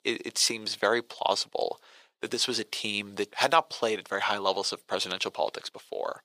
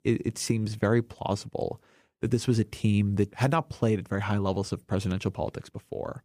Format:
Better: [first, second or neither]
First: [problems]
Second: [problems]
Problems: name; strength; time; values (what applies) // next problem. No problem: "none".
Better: second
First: thin; very; fading below 700 Hz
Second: none